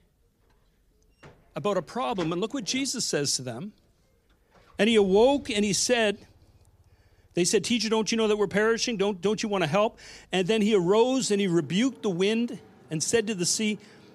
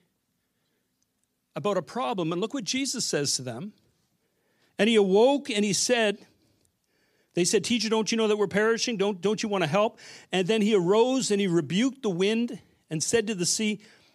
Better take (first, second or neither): second